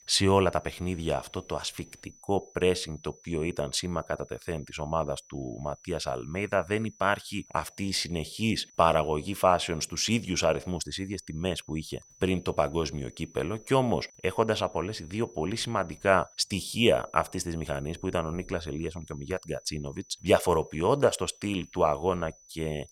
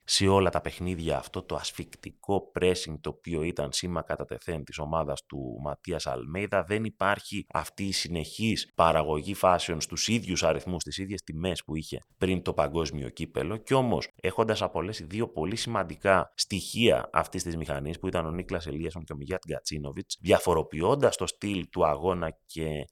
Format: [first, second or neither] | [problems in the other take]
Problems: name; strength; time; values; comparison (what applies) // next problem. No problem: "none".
second | high-pitched whine; faint; throughout; 6 kHz, 25 dB below the speech